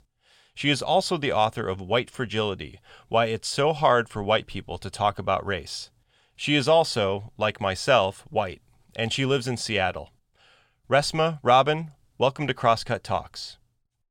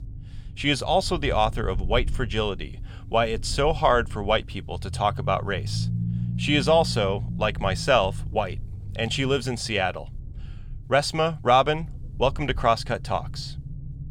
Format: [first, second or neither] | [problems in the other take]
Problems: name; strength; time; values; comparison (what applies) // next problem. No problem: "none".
first | low rumble; faint; throughout; 25 dB below the speech